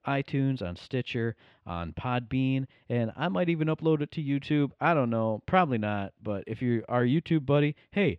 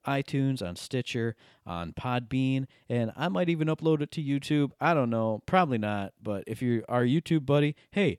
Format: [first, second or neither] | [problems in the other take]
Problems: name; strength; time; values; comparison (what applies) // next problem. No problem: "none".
second | muffled; slightly; fading above 3 kHz